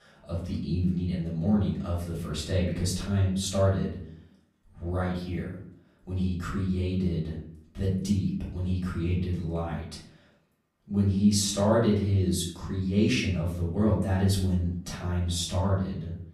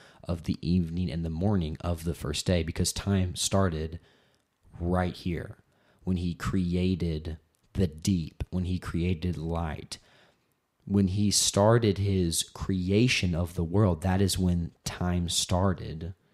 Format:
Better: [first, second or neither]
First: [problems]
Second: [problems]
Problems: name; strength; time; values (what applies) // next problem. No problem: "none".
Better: second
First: off-mic speech; far // room echo; noticeable; dies away in 0.6 s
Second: none